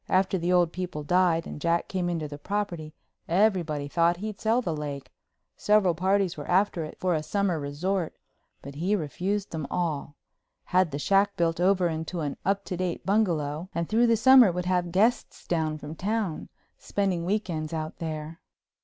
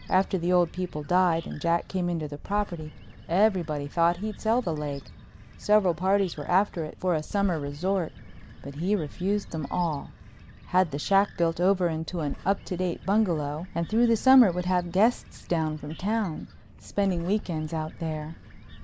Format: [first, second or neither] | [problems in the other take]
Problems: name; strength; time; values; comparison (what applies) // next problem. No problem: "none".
first | background sound (Bird); 16 dB below the speech